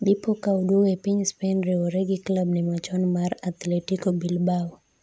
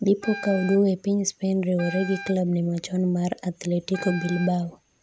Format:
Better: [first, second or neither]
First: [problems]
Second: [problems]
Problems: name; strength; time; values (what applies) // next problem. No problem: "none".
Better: first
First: none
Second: background sound (Wind instrument, woodwind instrument); 15 dB below the speech